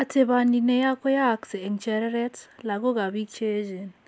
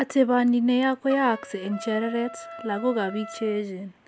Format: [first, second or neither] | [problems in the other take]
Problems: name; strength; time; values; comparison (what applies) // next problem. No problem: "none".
first | background sound (Trumpet); 17 dB below the speech